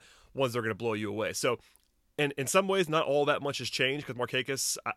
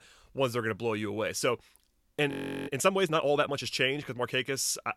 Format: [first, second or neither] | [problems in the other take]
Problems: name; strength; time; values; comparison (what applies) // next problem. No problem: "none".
first | audio freezing; at 2.5 s